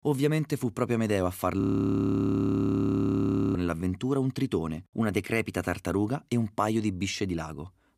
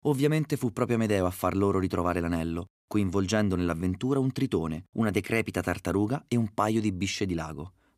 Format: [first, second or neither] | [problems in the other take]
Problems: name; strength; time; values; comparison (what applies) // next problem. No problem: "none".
second | audio freezing; at 1.5 s for 2 s